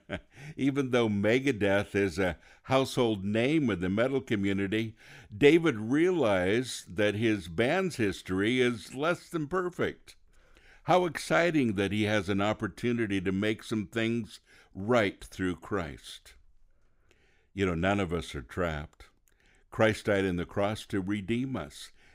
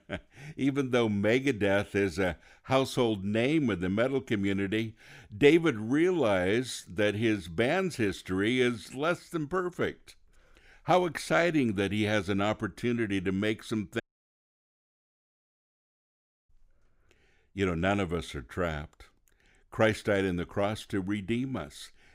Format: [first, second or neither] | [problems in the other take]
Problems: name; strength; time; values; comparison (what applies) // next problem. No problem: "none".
first | audio cutting out; at 14 s for 2.5 s